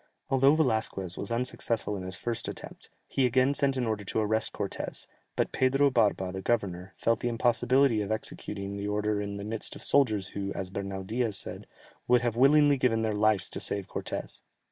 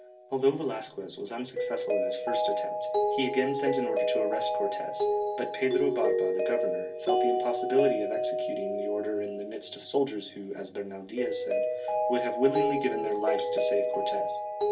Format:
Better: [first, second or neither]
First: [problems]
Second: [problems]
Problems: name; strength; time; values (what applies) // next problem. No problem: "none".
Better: first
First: none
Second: background sound (Mallet percussion); 2 dB above the speech // room echo; dies away in 0.3 s